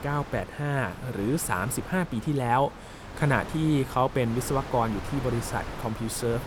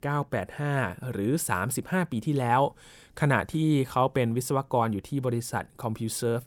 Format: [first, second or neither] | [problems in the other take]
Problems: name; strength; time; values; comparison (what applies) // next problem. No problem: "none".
second | wind noise on the microphone; occasional gusts; 10 dB below the speech